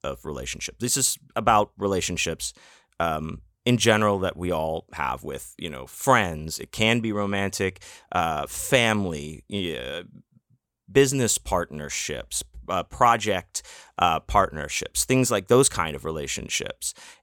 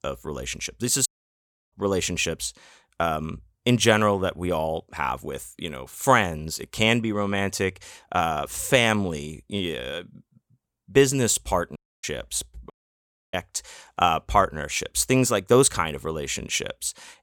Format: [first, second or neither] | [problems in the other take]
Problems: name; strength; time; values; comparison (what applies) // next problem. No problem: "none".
first | audio cutting out; at 1 s for 0.5 s, at 12 s and at 13 s for 0.5 s